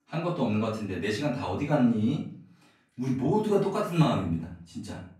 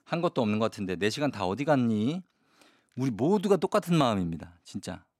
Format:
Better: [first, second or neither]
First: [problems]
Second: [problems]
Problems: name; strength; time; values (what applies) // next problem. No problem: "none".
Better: second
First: off-mic speech; far // room echo; noticeable; dies away in 0.5 s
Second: none